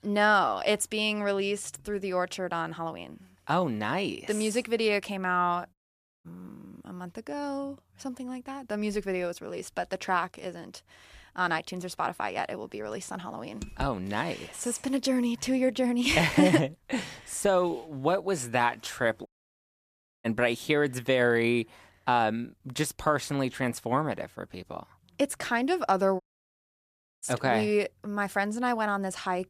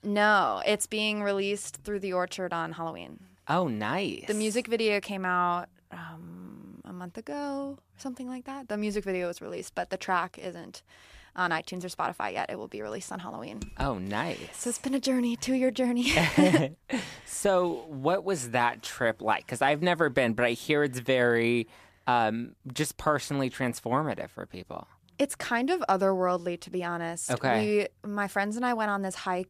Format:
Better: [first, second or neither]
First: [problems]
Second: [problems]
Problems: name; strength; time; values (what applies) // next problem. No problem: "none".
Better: second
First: audio cutting out; at 5.5 s for 0.5 s, at 19 s for 1 s and at 26 s for 1 s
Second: none